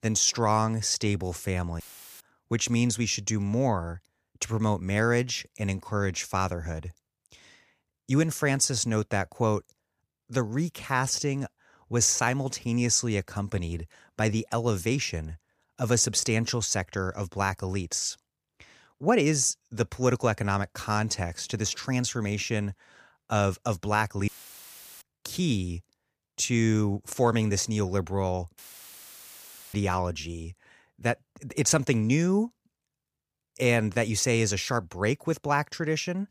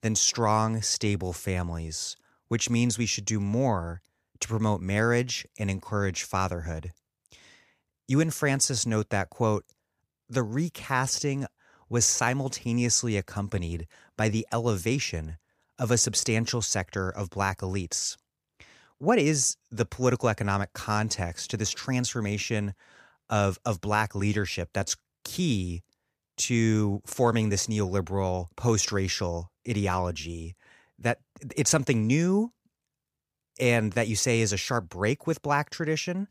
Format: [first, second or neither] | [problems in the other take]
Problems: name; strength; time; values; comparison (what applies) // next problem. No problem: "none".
second | audio cutting out; filled with static; at 2 s, at 24 s for 0.5 s and at 29 s for 1 s